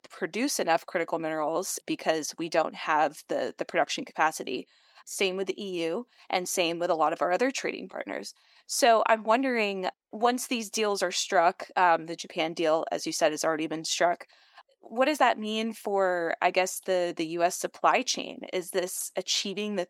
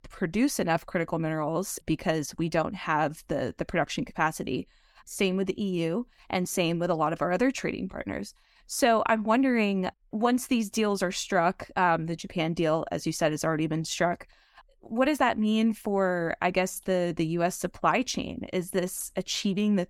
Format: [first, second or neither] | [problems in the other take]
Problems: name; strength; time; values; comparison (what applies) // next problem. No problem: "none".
second | thin; somewhat; fading below 400 Hz